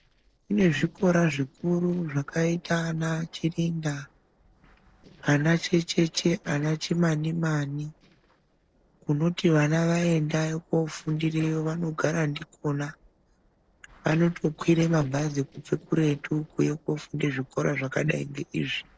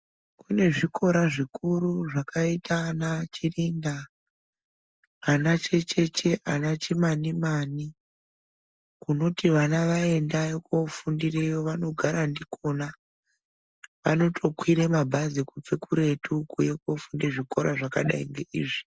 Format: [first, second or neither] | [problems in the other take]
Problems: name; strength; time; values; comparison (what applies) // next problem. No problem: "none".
second | noise reduction (neural separator model SepFormer DNS4)